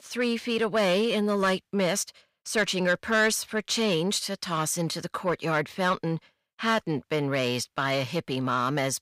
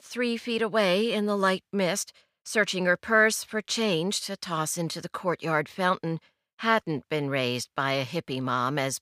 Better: second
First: distortion; slight; 10 dB below the speech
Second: none

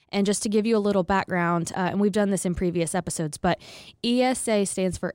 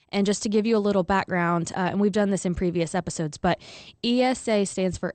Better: first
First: none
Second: garbled, watery; slightly; nothing above 8.5 kHz

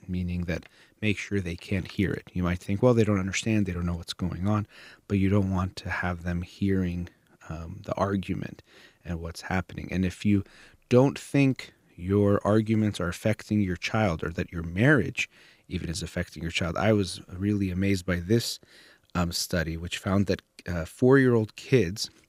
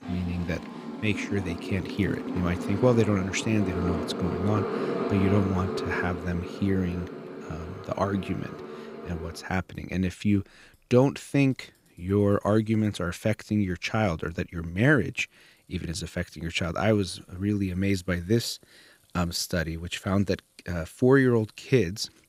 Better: first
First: none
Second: traffic noise; loud; throughout; 7 dB below the speech

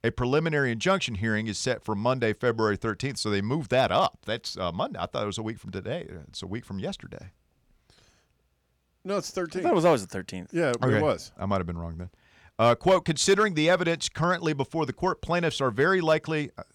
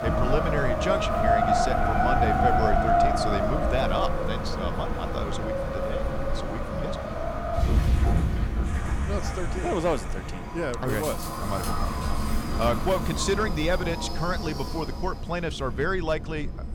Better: first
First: none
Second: wind in the background; very loud; throughout; 3 dB above the speech

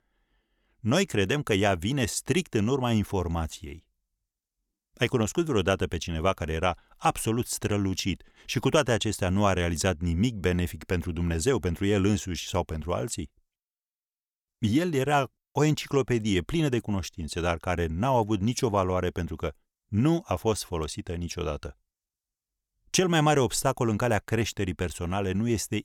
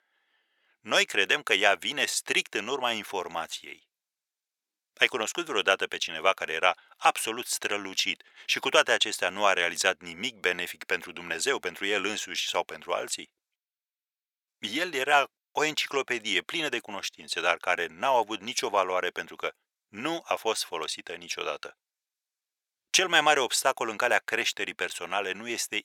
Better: first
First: none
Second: thin; very; fading below 600 Hz

